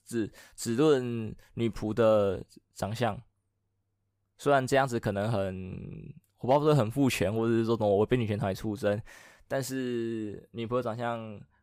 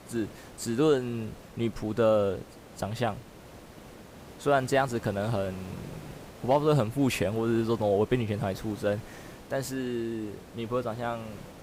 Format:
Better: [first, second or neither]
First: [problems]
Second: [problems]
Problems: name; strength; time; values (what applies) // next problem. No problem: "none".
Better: first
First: none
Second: hiss; noticeable; throughout; 20 dB below the speech